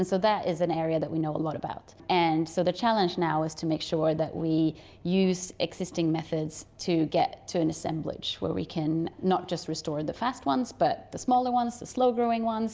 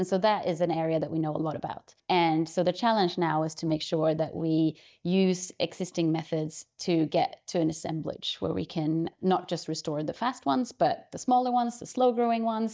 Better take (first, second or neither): first